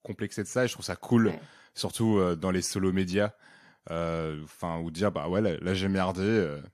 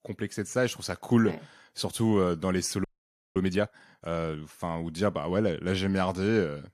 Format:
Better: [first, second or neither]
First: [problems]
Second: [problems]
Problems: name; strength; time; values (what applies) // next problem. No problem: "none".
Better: first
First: none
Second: audio freezing; at 3 s for 0.5 s